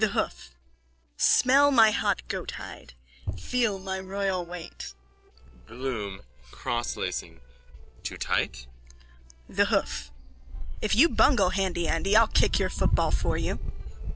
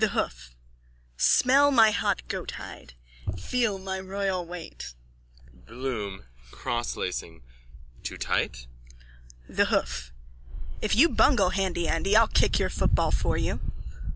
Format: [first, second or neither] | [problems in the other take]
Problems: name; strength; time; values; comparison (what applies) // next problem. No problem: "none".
second | noise reduction (neural separator model SepFormer DNS4)